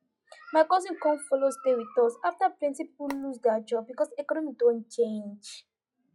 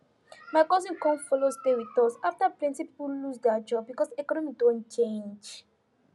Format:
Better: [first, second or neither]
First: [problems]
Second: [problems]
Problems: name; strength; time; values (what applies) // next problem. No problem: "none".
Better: second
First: noise reduction (classical method log-MMSE)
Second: none